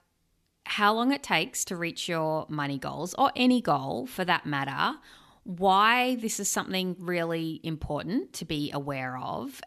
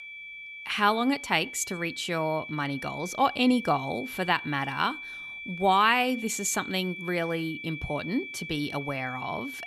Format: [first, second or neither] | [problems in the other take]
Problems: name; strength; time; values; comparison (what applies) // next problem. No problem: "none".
first | high-pitched whine; loud; throughout; 2.5 kHz, 10 dB below the speech